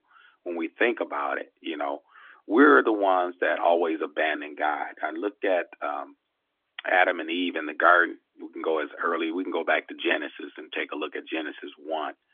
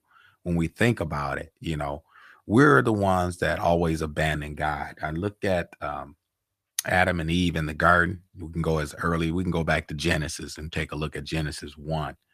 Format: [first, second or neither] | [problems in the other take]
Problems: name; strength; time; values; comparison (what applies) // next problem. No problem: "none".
second | phone-call audio; nothing above 3.5 kHz